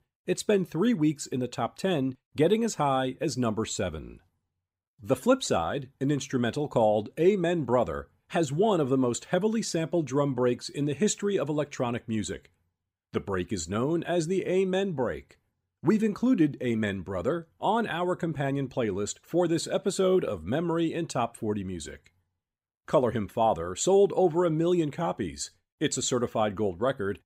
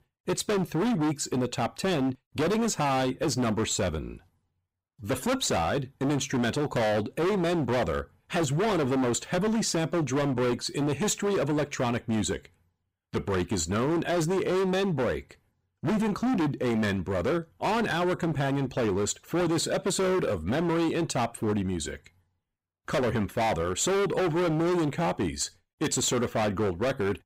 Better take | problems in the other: first | distortion; heavy; 26% of the sound clipped

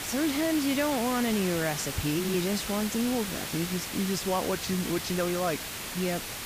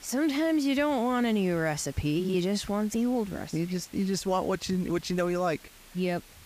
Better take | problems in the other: second | hiss; loud; throughout; 4 dB below the speech; faint in the second

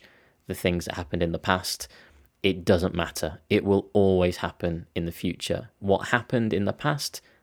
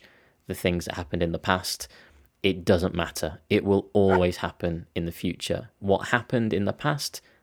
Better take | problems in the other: first | dog barking; noticeable; at 4 s; peak 4 dB below the speech

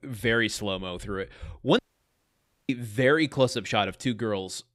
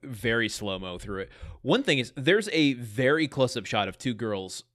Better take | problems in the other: second | audio cutting out; at 2 s for 1 s

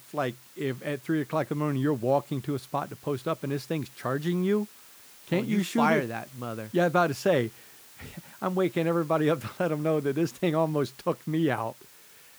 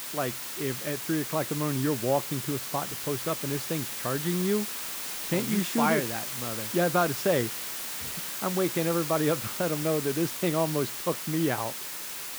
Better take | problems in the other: first | hiss; loud; throughout; 3 dB below the speech; faint in the first

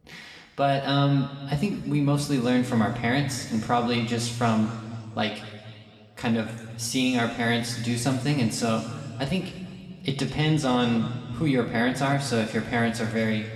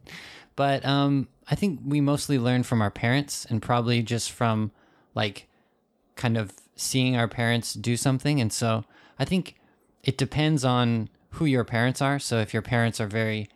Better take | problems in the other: second | room echo; slight; dies away in 2 s // off-mic speech; somewhat distant

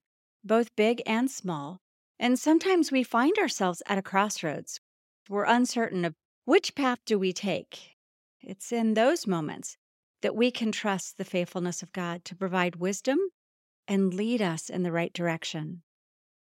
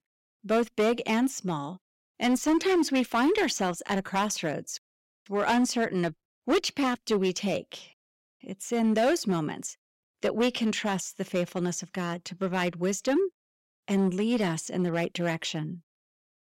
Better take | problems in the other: first | distortion; slight; 6% of the sound clipped

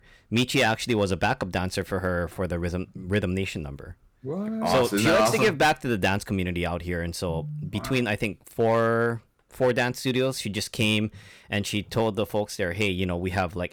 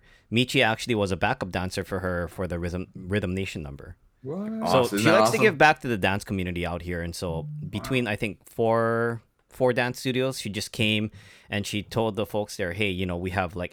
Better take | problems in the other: second | distortion; slight; 3% of the sound clipped

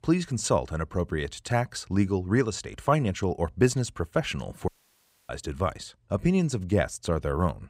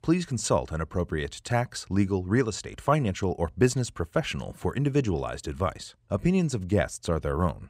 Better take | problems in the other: second | audio cutting out; at 4.5 s for 0.5 s

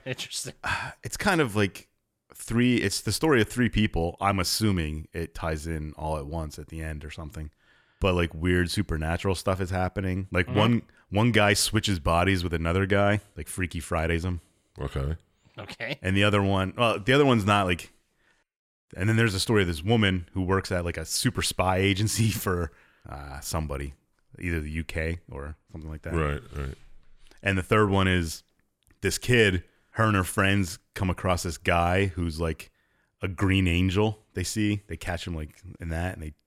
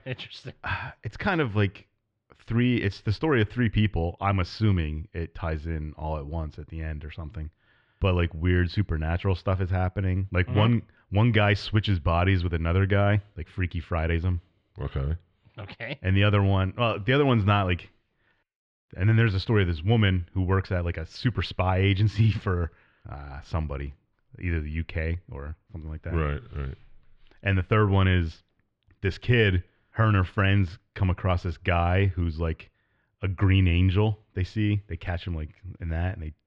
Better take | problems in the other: first | muffled; slightly; fading above 4 kHz

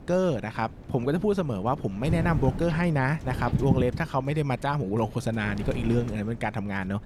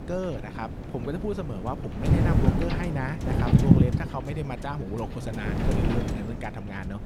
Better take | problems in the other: first | wind noise on the microphone; heavy; 1 dB above the speech; occasional gusts in the first

